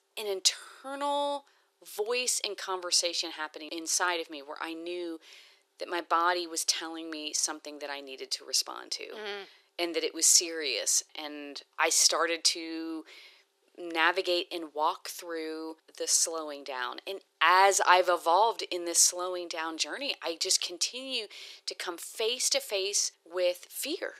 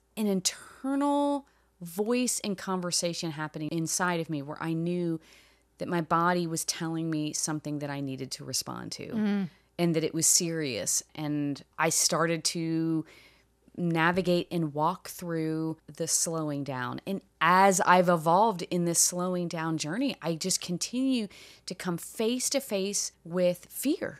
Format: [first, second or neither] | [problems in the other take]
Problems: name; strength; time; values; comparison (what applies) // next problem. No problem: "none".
second | thin; very; fading below 350 Hz